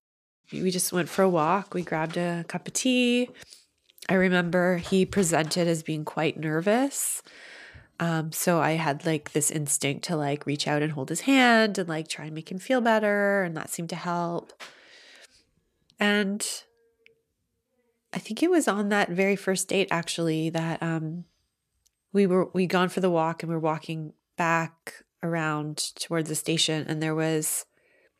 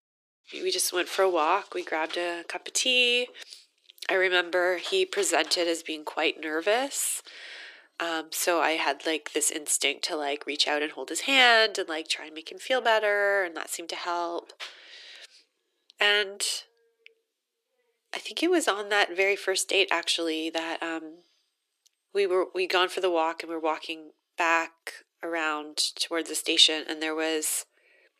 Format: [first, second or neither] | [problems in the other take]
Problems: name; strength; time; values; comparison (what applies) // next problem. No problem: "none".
first | thin; very; fading below 350 Hz